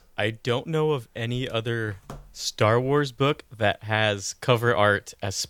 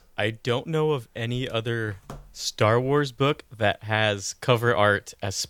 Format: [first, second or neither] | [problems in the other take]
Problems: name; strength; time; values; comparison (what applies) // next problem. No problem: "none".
neither | none